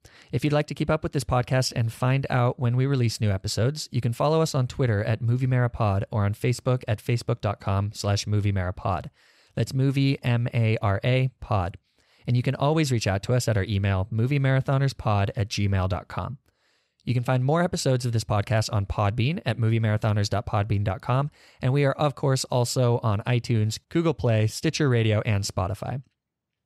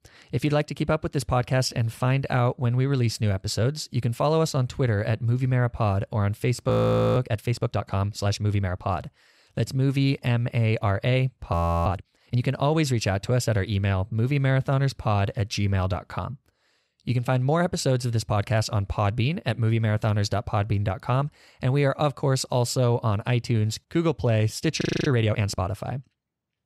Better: first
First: none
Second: audio freezing; at 6.5 s, at 12 s and at 25 s

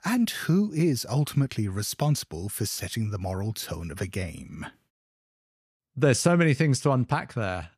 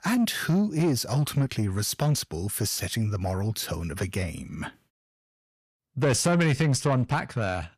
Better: first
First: none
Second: distortion; slight; 10 dB below the speech

